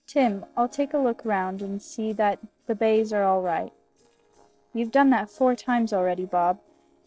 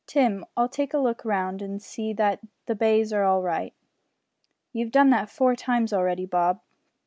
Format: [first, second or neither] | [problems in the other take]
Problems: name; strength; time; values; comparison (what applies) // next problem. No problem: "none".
second | noise reduction (neural separator model SepFormer DNS4)